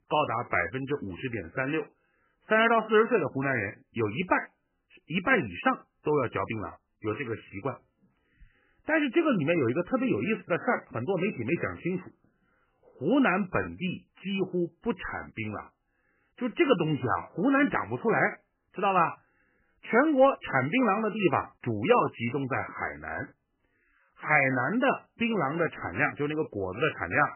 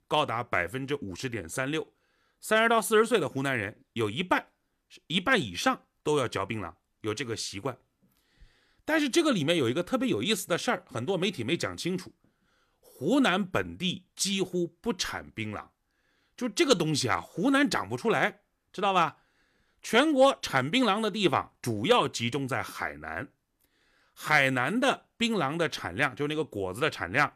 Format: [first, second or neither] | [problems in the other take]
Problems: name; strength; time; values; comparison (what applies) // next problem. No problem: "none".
second | garbled, watery; badly; nothing above 3 kHz